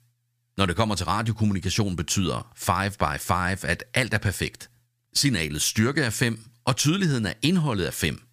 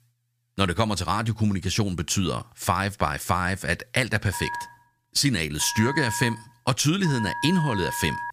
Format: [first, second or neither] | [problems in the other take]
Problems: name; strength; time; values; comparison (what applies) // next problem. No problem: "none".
first | phone ringing; noticeable; from 4.5 s on; peak 6 dB below the speech